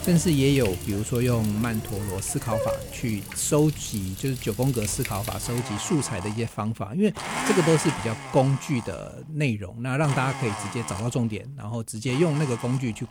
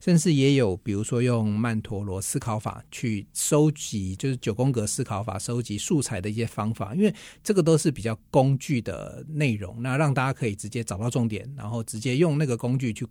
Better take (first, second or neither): second